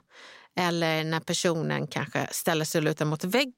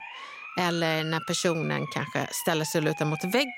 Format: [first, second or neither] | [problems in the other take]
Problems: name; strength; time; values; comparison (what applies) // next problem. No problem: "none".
first | siren; noticeable; peak 9 dB below the speech